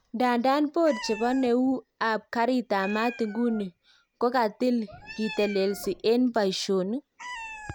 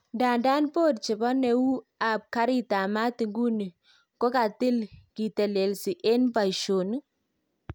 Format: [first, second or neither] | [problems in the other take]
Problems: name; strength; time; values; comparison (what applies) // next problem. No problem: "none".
second | background sound (Meow); 17 dB below the speech